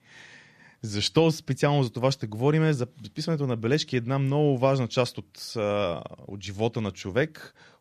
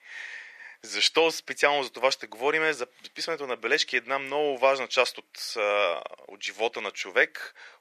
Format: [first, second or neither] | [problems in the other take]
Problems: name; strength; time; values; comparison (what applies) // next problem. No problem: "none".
first | thin; very; fading below 500 Hz